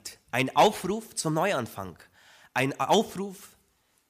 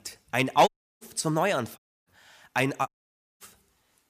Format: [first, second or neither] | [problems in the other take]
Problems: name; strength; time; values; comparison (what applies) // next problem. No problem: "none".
first | audio cutting out; at 0.5 s, at 2 s and at 3 s for 0.5 s